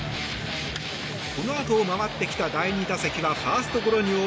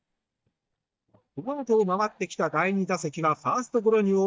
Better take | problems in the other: first | noise reduction (neural mask model DeepFilterNet 3)

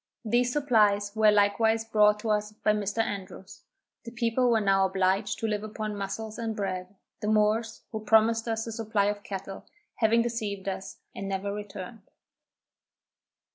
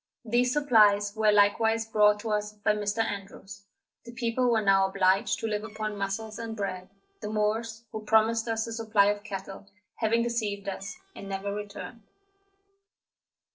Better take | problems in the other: first | noise reduction (neural separator model SepFormer DNS4)

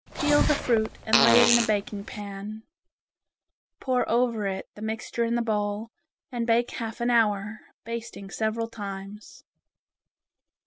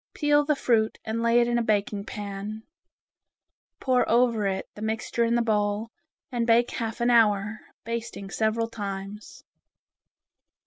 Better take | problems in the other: second | background sound (Fart); 2 dB above the speech

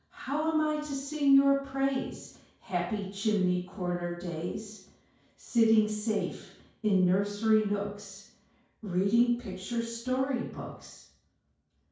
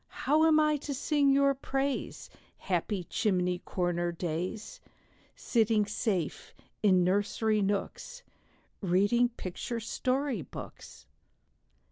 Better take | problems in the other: second | room echo; dies away in 0.5 s

